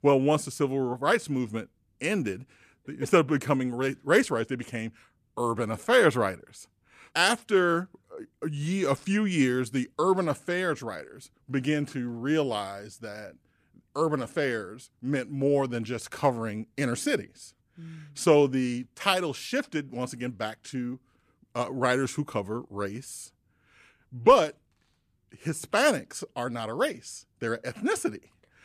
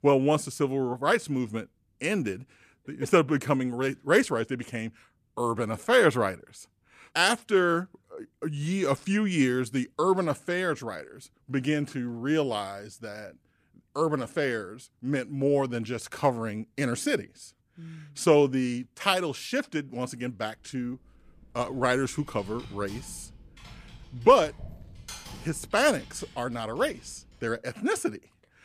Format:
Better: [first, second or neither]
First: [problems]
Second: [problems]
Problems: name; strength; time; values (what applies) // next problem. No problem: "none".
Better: first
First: none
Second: keyboard typing; faint; from 21 to 28 s; peak 15 dB below the speech